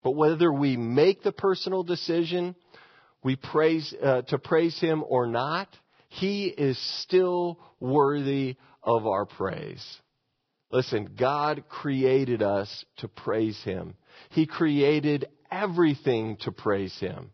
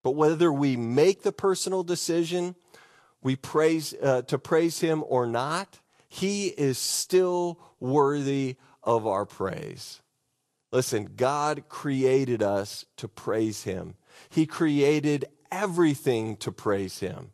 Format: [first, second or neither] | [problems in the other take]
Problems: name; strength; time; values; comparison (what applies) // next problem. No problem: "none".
second | garbled, watery; badly; nothing above 5.5 kHz; slightly in the second